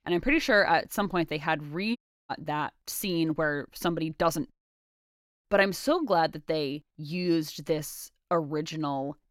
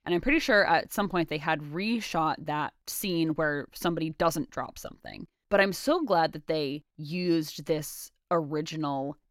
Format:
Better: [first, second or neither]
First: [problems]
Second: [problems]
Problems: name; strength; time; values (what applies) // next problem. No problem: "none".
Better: second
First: audio cutting out; at 2 s and at 4.5 s for 1 s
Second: none